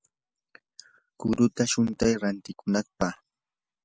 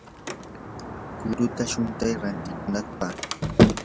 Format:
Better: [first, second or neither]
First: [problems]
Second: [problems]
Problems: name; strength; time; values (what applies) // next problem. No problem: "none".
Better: first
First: none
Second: background sound (Sliding door); 3 dB above the speech